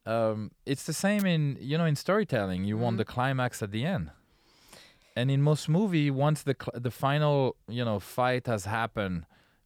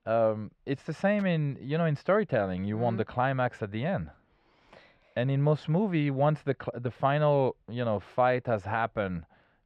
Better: first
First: none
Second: muffled; very; fading above 2.5 kHz

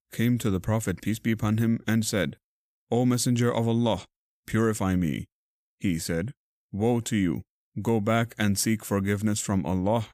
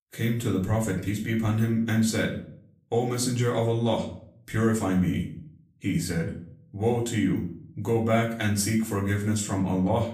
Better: first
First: none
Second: off-mic speech; far // room echo; slight; dies away in 0.5 s

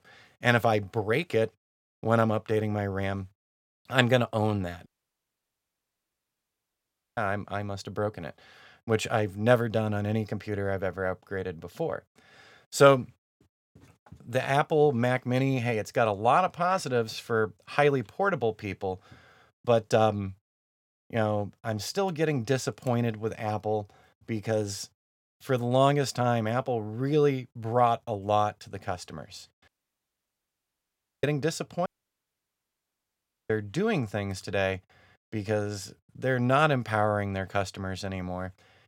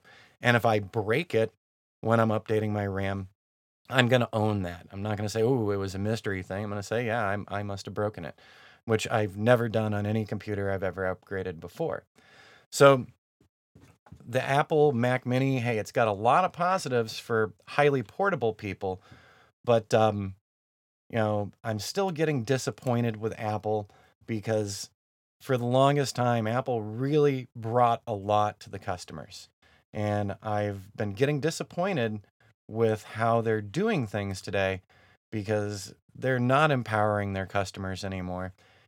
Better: second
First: audio cutting out; at 5 s for 2.5 s, at 30 s for 1.5 s and at 32 s for 1.5 s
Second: none

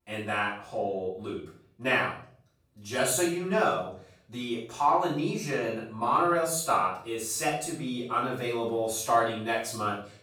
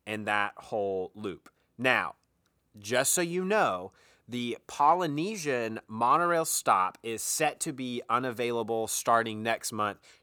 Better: second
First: off-mic speech; far // room echo; noticeable; dies away in 0.5 s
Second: none

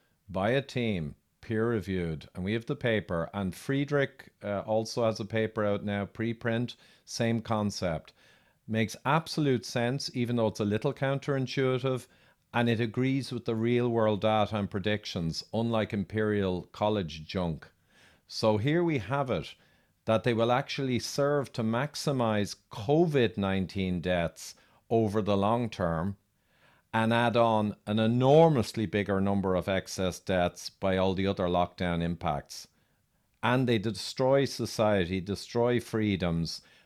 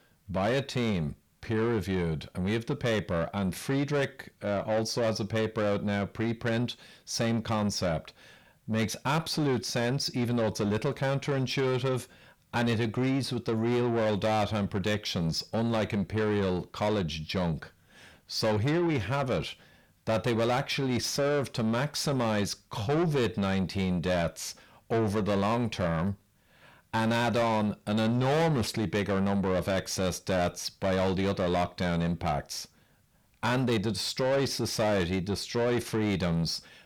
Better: first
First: none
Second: distortion; heavy; 8 dB below the speech

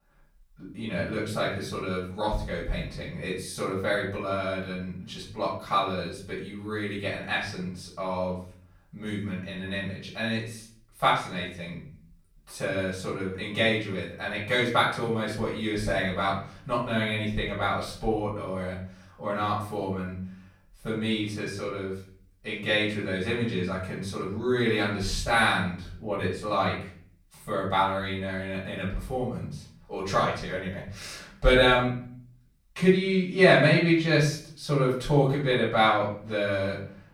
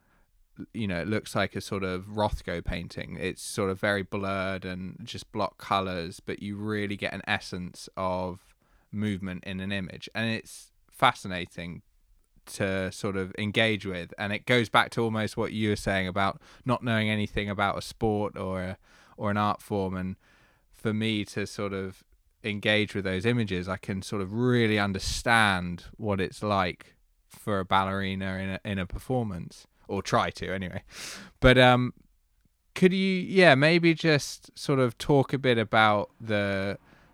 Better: second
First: off-mic speech; far // room echo; noticeable; dies away in 0.4 s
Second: none

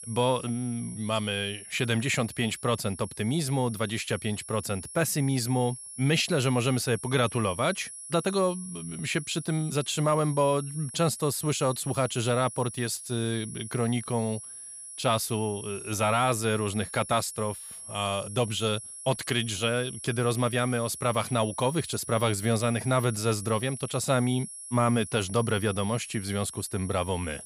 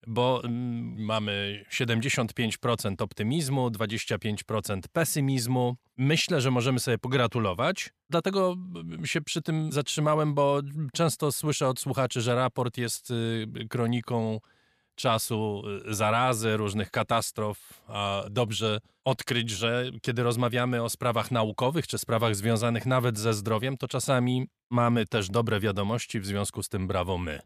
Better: second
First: high-pitched whine; noticeable; throughout; 10.5 kHz, 10 dB below the speech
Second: none

